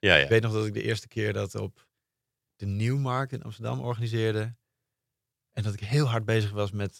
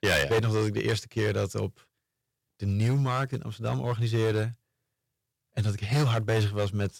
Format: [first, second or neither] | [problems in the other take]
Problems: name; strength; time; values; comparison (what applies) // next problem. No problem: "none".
first | distortion; heavy; 6% of the sound clipped